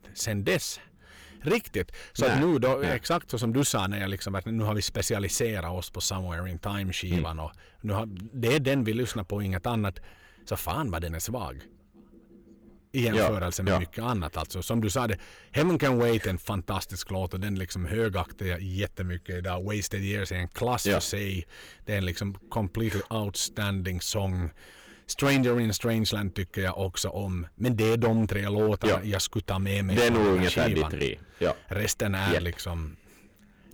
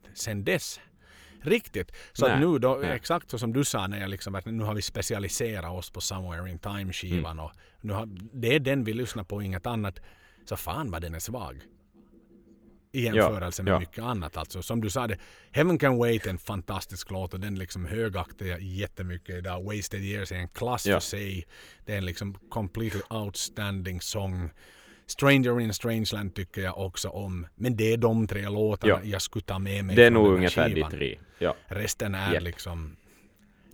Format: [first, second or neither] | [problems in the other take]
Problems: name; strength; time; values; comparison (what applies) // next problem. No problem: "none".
second | distortion; heavy; 5% of the sound clipped